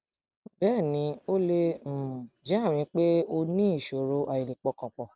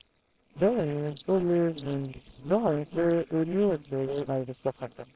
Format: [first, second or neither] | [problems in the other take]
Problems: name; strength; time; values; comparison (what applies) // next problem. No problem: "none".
first | noise reduction (neural separator model SepFormer WHAMR!)